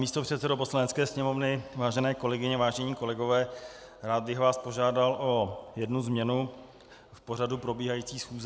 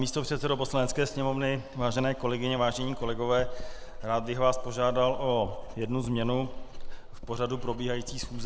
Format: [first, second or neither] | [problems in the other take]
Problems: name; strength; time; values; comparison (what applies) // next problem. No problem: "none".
first | background sound (Writing); 6 dB below the speech